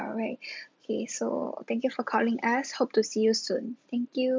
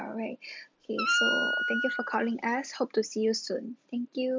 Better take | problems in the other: first | background sound (Wind instrument, woodwind instrument); 2 dB above the speech

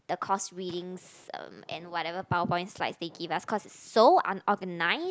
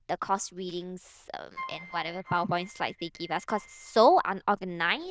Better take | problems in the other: first | noise reduction (neural diffusion model UNIVERSE++)

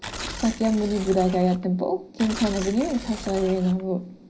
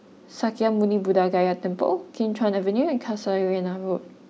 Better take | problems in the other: second | background sound (Tearing); 13 dB below the speech // room echo; dies away in 0.5 s

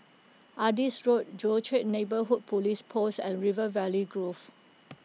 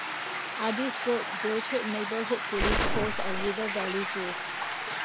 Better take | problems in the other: first | background sound (Stream + Gunshot, gunfire); 1 dB above the speech

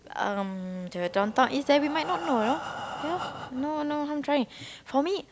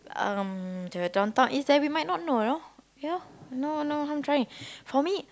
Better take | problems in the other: second | background sound (Breathing); 12 dB below the speech

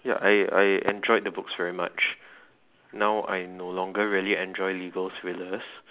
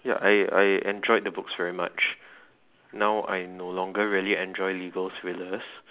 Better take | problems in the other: second | background sound (Fireworks); 15 dB below the speech

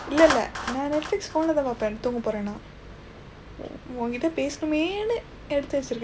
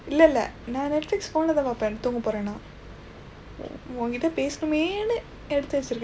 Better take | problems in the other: second | background sound (Clapping); 12 dB below the speech

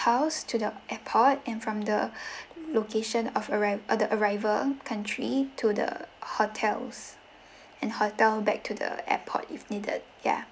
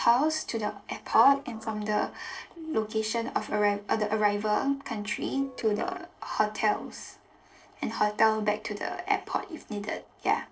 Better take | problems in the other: first | noise reduction (neural separator model SepFormer DNS4)

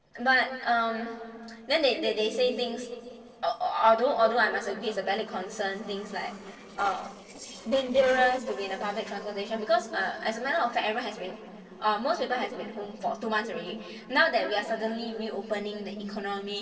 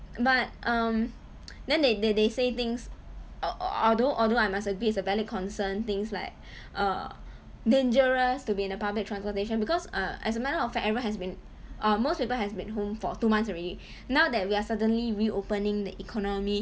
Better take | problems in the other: second | noise reduction (neural separator model SepFormer DNS4)

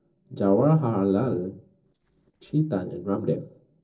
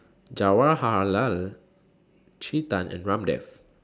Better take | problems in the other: second | noise reduction (neural separator model SepFormer DNS4)

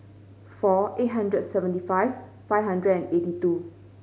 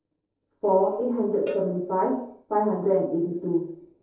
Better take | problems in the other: first | noise reduction (neural separator model SepFormer DNS4)

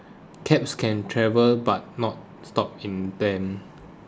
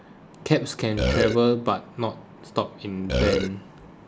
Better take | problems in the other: first | background sound (Burping, eructation); 3 dB above the speech

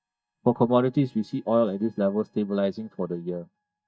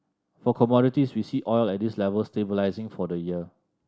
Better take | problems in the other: second | noise reduction (neural mask model DeepFilterNet 3)

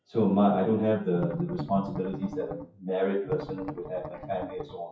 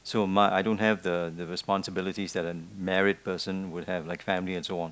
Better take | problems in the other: second | noise reduction (classical method WPE with log-MMSE)

